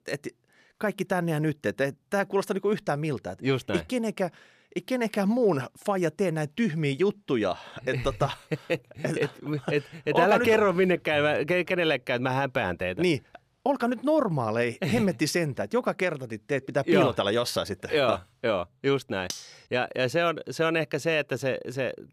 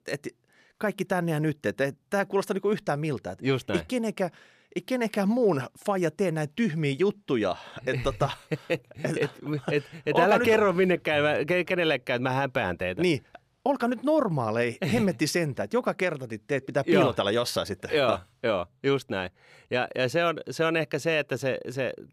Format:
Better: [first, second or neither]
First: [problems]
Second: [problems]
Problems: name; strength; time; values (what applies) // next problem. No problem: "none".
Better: second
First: clattering dishes; faint; at 19 s; peak 10 dB below the speech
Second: none